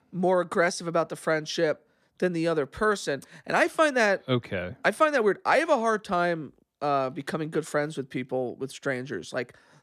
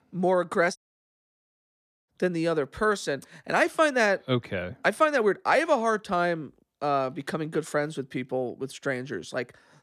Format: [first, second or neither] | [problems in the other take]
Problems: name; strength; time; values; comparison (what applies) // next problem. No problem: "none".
first | audio cutting out; at 1 s for 1.5 s